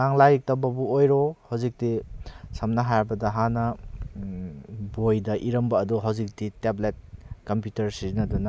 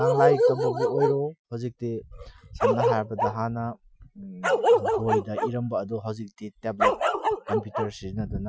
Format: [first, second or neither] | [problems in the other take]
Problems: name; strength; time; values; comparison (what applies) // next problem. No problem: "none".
first | noise reduction (classical method Wiener filter)